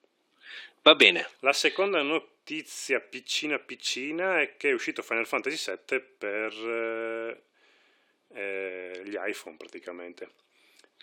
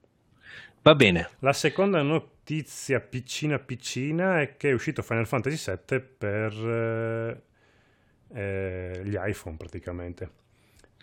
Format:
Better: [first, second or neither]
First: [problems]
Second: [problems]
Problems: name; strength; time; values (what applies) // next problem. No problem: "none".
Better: second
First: thin; somewhat; fading below 300 Hz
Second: none